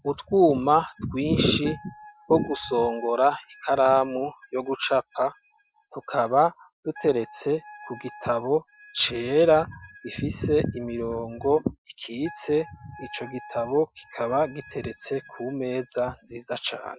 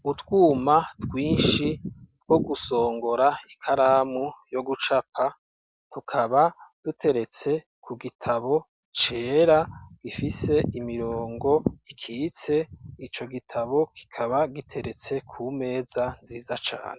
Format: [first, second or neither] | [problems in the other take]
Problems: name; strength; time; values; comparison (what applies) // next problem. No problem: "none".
second | noise reduction (classical method Wiener filter)